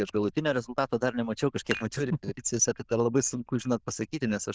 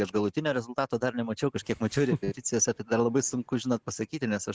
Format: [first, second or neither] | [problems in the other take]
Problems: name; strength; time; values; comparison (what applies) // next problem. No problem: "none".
second | noise reduction (neural diffusion model UNIVERSE++)